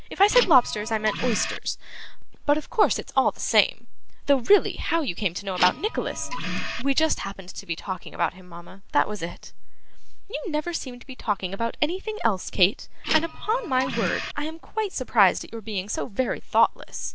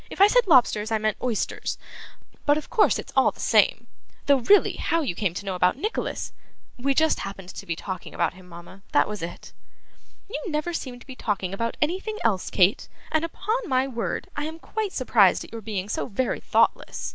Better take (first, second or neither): second